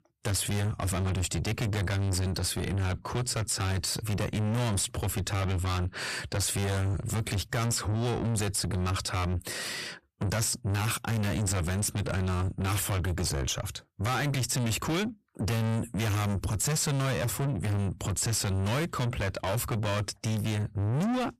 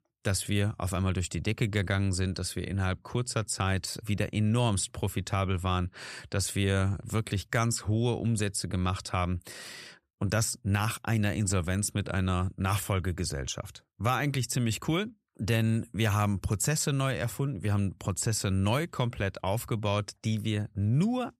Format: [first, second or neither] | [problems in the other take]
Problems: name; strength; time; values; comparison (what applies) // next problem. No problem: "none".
second | distortion; heavy; 5 dB below the speech